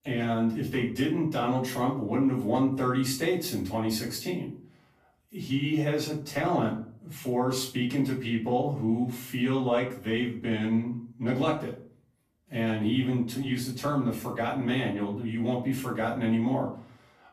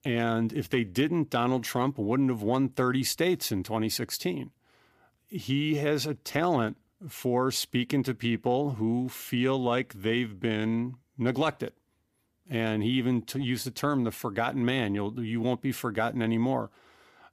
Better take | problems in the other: second | off-mic speech; far // room echo; slight; dies away in 0.4 s

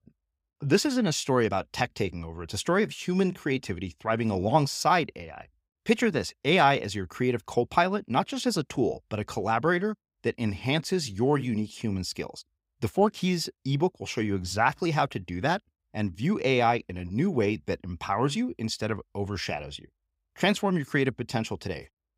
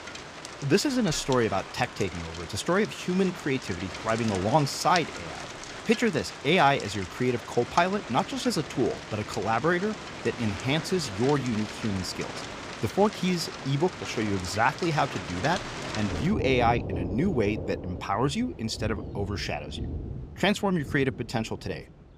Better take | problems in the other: first | rain or running water; loud; throughout; 10 dB below the speech

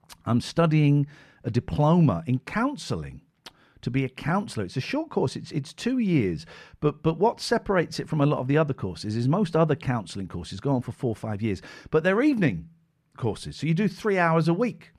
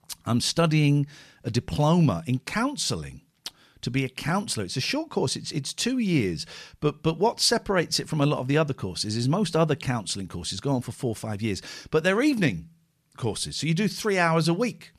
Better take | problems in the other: second | muffled; slightly; fading above 3 kHz

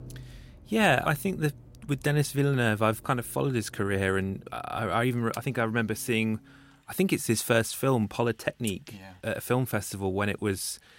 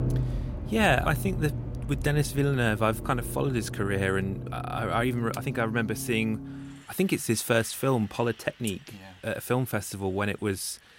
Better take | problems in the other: first | traffic noise; loud; throughout; 8 dB below the speech; faint in the first

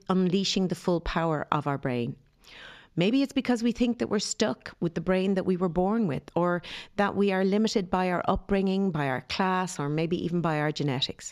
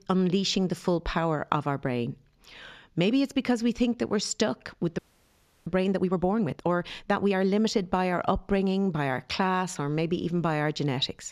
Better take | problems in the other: first | audio freezing; at 5 s for 0.5 s

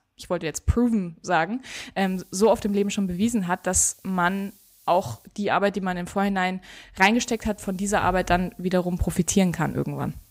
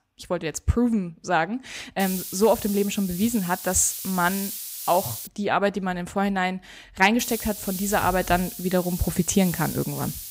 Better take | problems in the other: first | hiss; loud; from 2 to 5.5 s and from 7 s on; 8 dB below the speech; faint in the first

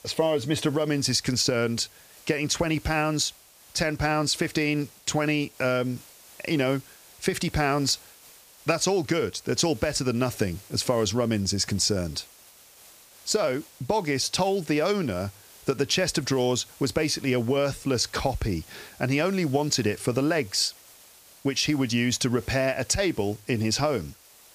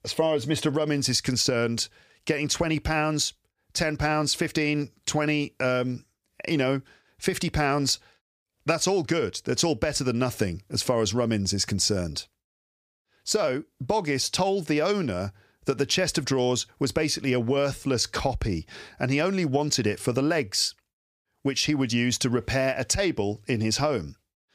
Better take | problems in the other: second | hiss; faint; throughout; 25 dB below the speech

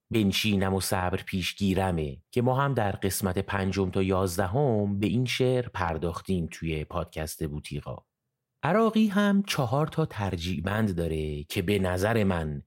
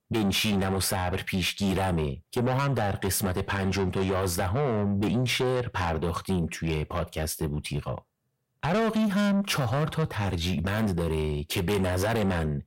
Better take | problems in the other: first | distortion; heavy; 7 dB below the speech

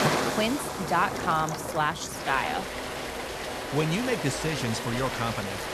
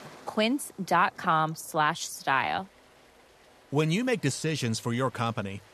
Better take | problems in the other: second | rain or running water; loud; throughout; 3 dB below the speech; faint in the second

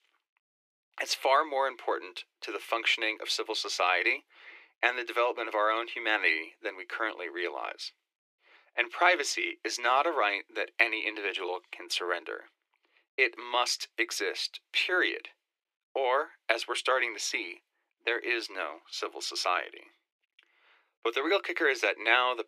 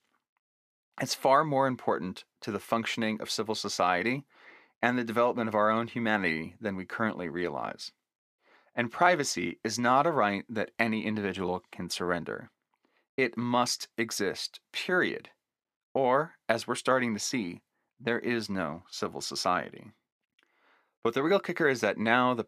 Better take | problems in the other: second | thin; very; fading below 300 Hz

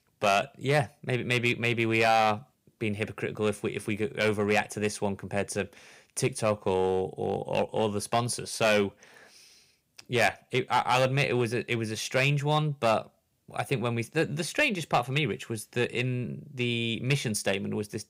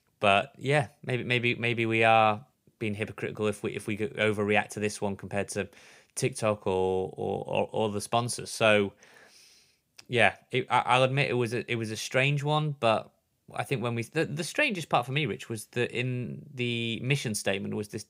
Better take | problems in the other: second | distortion; slight; 3% of the sound clipped

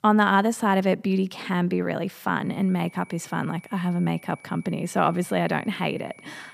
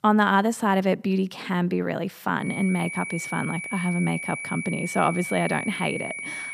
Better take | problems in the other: first | high-pitched whine; loud; from 2.5 s on; 2.5 kHz, 6 dB below the speech; faint in the first

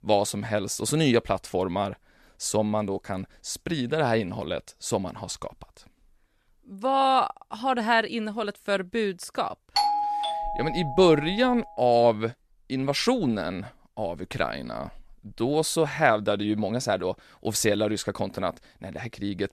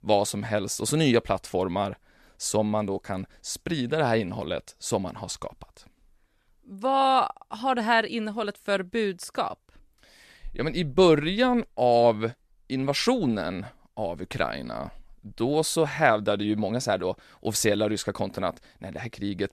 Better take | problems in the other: second | doorbell; loud; from 10 to 11 s; peak 2 dB above the speech

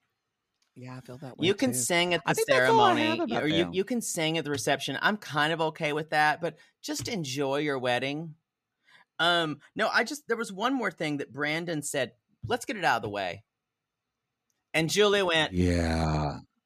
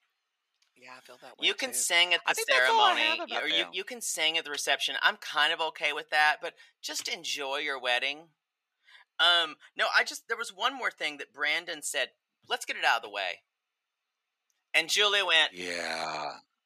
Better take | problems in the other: first | thin; very; fading below 700 Hz

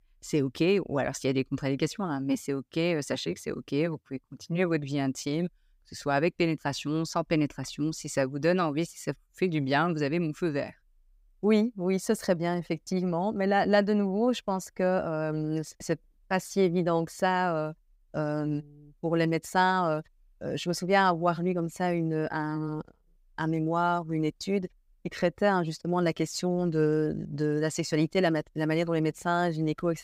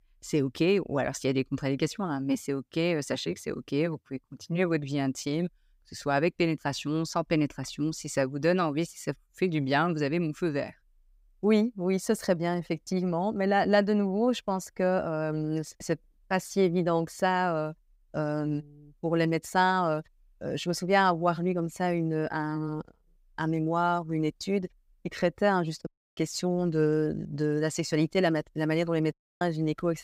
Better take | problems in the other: first | audio cutting out; at 26 s and at 29 s

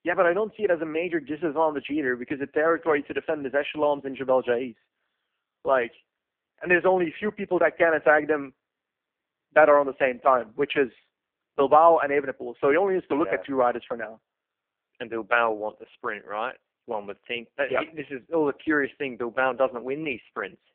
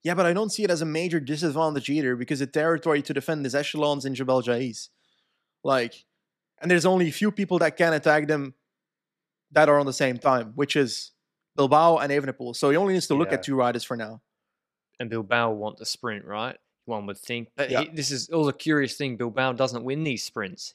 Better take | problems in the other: second | phone-call audio; poor line

